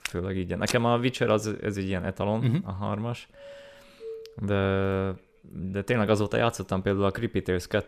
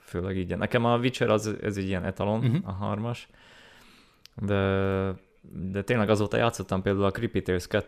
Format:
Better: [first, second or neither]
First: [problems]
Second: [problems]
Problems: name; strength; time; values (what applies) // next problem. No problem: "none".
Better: second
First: footsteps; noticeable; at the start; peak 7 dB below the speech // doorbell; faint; from 3.5 to 4.5 s; peak 15 dB below the speech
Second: none